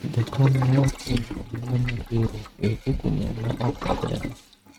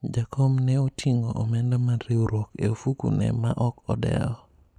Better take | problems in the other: second | noise reduction (neural mask model RNNoise)

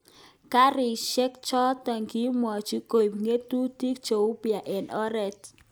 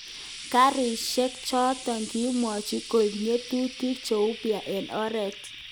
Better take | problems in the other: first | background sound (Frying (food)); 13 dB below the speech

